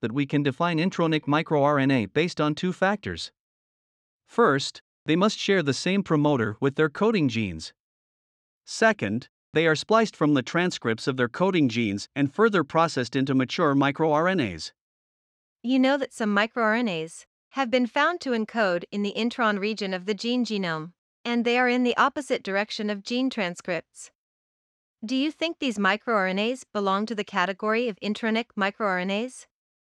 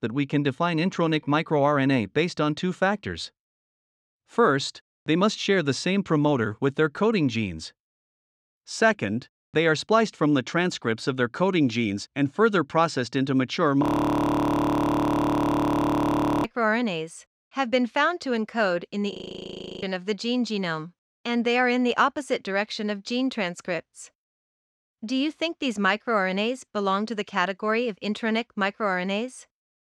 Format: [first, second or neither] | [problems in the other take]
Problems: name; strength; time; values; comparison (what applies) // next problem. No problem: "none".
first | audio freezing; at 14 s for 2.5 s and at 19 s for 0.5 s